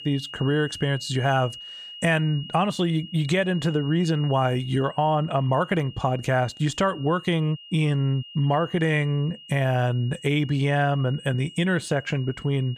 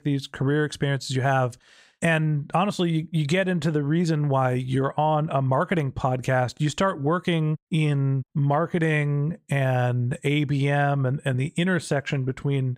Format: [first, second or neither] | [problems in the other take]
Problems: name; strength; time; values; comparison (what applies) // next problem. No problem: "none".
second | high-pitched whine; noticeable; throughout; 3 kHz, 15 dB below the speech